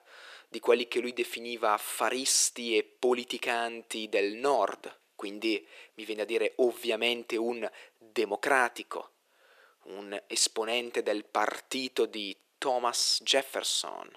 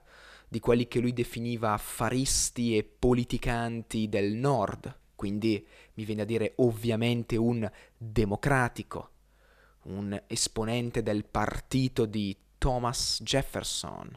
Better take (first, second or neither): second